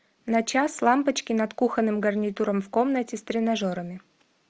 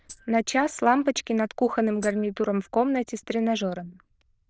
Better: first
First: none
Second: noise reduction (neural diffusion model UNIVERSE++)

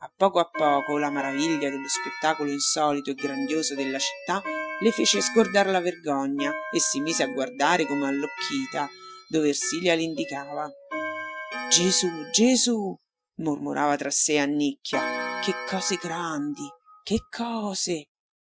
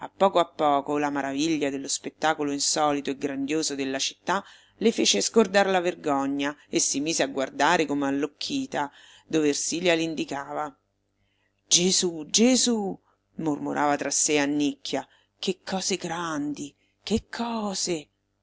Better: second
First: noise reduction (classical method Wiener filter)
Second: none

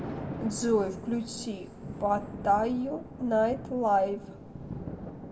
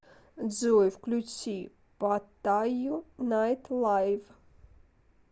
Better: second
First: background sound (Thunder); 10 dB below the speech // room echo; dies away in 0.9 s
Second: none

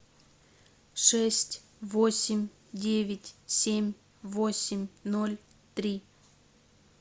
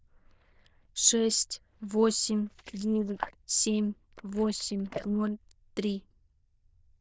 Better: first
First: none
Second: noise reduction (neural diffusion model UNIVERSE++)

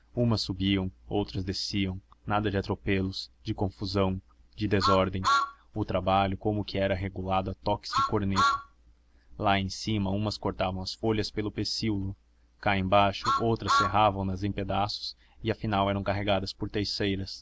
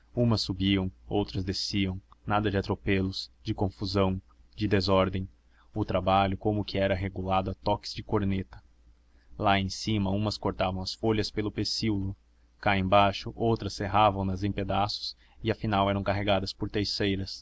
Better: second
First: background sound (Truck); 2 dB below the speech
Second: none

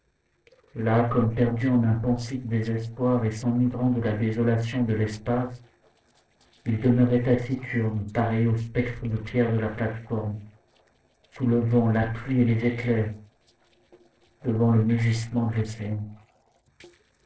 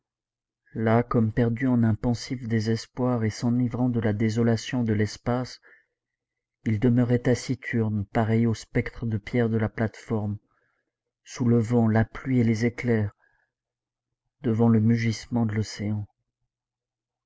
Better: second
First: noise reduction (neural separator model SepFormer DNS4)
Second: none

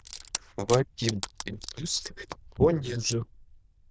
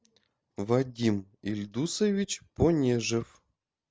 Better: second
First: noise reduction (neural diffusion model UNIVERSE++)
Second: none

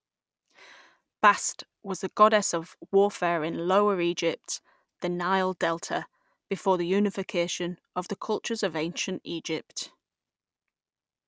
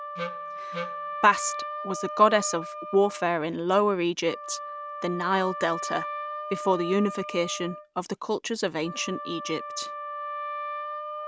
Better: first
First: none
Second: background sound (Wind instrument, woodwind instrument + Wind instrument, woodwind instrument); 8 dB below the speech

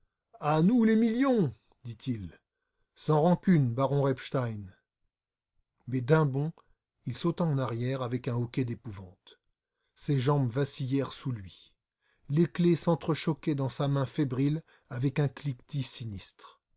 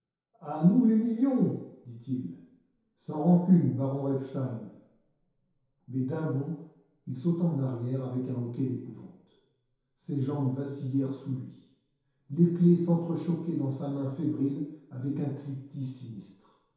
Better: first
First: none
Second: room echo; dies away in 0.8 s

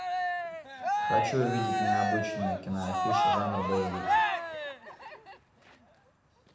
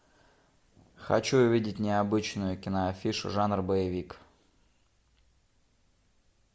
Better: second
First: background sound (Cheering); 4 dB above the speech // room echo; dies away in 0.8 s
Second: none

